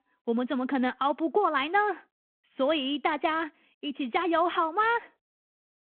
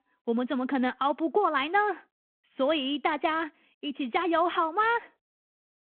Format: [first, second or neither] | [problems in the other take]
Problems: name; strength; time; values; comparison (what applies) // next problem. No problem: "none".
neither | phone-call audio; the same in both